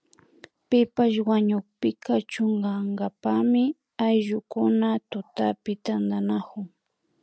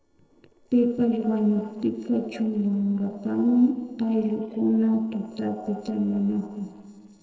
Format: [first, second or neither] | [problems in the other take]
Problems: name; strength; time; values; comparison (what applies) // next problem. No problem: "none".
first | noise reduction (neural separator model SepFormer DNS4)